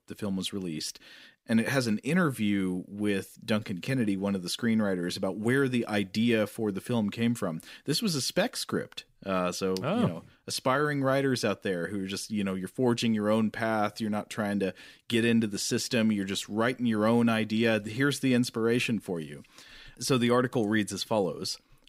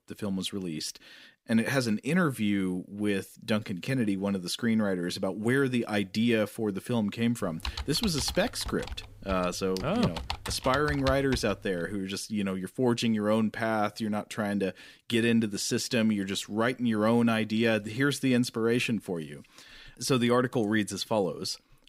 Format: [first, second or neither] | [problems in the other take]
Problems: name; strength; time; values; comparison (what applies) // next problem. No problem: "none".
first | keyboard typing; noticeable; from 7.5 to 12 s; peak 7 dB below the speech